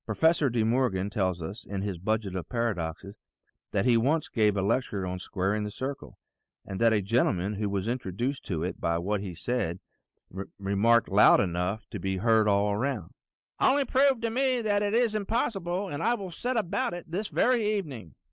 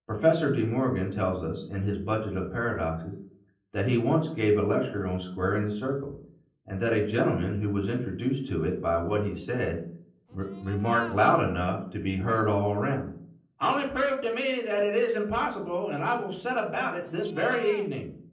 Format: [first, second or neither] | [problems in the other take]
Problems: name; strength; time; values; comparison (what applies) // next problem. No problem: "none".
first | noise reduction (neural separator model SepFormer DNS4)